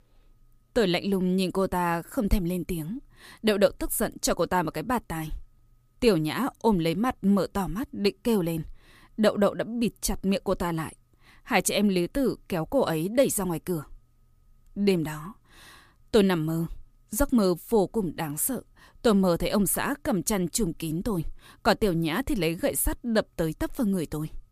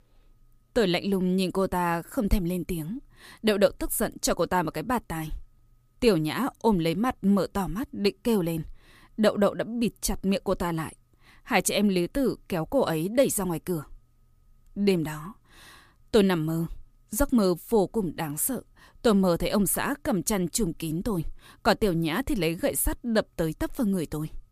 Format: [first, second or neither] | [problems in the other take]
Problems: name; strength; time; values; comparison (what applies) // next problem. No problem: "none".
neither | none